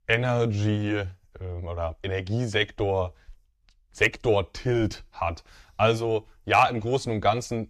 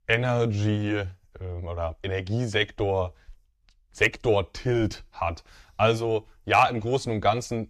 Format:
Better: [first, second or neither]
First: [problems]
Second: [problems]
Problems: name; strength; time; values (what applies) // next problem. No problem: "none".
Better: neither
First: none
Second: none